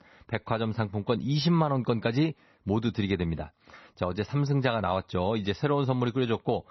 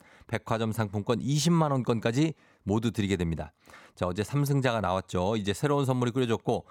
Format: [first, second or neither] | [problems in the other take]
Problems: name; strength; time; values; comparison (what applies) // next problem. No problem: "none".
second | garbled, watery; slightly; nothing above 6 kHz